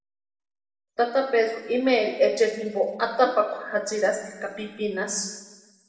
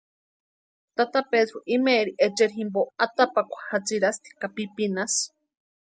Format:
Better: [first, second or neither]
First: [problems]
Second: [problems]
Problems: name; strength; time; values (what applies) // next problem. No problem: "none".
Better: second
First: room echo; dies away in 1.1 s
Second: none